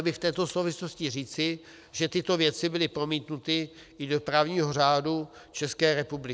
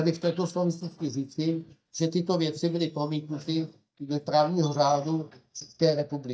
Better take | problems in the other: first | noise reduction (neural mask model DeepFilterNet 3)

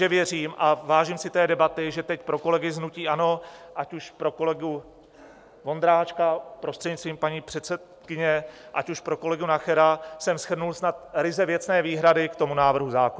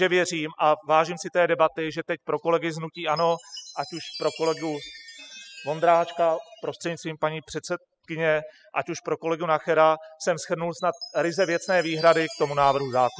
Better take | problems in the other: first | noise reduction (classical method spectral subtraction)

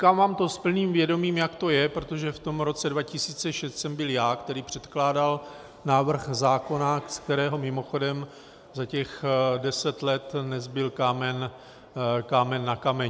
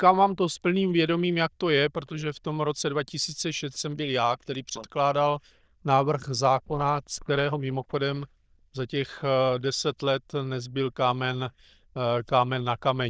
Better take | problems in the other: first | noise reduction (neural diffusion model UNIVERSE++)

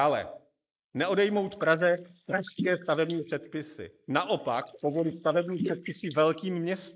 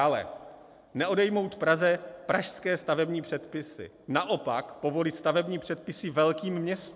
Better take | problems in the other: second | noise reduction (neural mask model Resemble Enhance denoiser)

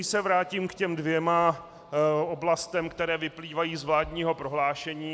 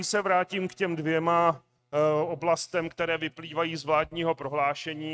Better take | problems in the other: first | noise reduction (neural mask model RNNoise)

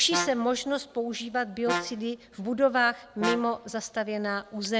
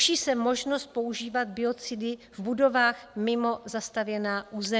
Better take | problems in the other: second | background sound (Brass instrument); 9 dB below the speech

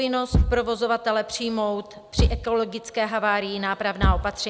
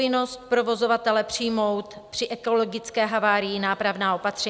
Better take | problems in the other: second | background sound (Thump, thud); 2 dB below the speech

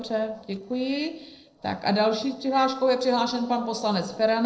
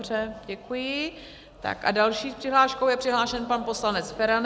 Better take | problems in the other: second | noise reduction (neural separator model SepFormer DNS4)

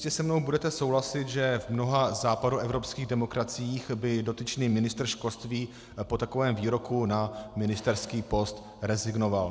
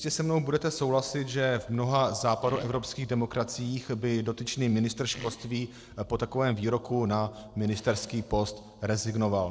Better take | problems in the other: first | noise reduction (neural separator model SepFormer DNS4)

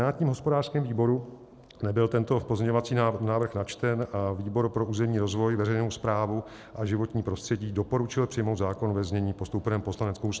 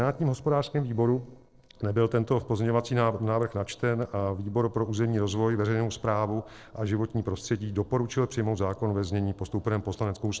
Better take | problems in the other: first | noise reduction (neural separator model SepFormer DNS4)

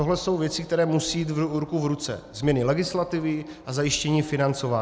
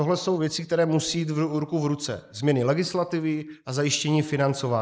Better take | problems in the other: first | noise reduction (neural mask model Resemble Enhance denoiser)

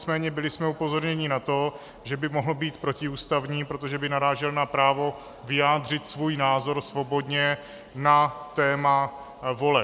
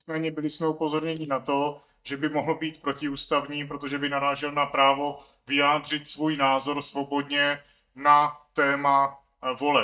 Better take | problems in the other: first | noise reduction (neural mask model DeepFilterNet 3)

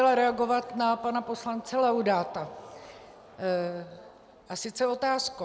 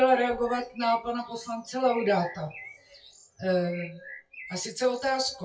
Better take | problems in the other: first | noise reduction (classical method WPE with log-MMSE)

